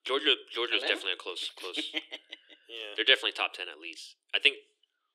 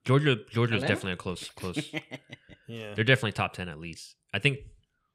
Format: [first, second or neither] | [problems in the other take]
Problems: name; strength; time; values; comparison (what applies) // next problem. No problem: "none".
second | thin; very; fading below 300 Hz